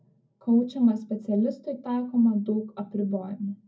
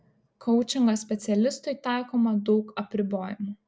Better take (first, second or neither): second